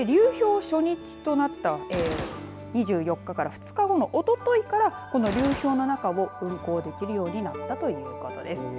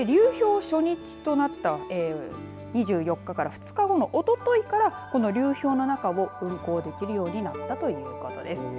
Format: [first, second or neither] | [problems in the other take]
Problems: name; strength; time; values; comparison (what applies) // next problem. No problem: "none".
second | background sound (Gunshot, gunfire); 14 dB below the speech